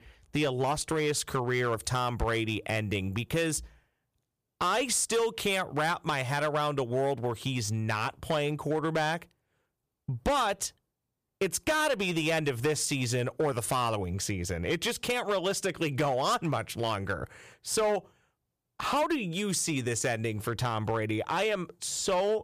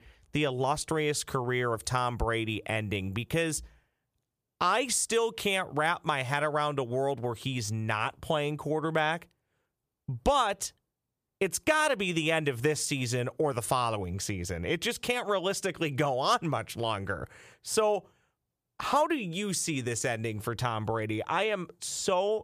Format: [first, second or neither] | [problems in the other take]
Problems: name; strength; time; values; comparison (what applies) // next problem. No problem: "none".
second | distortion; slight; 6% of the sound clipped